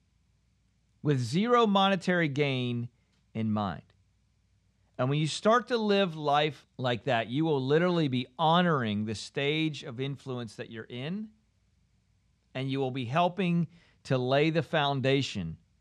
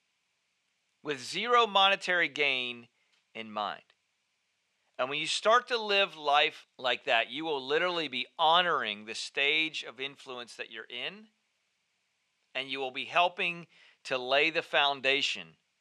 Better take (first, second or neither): first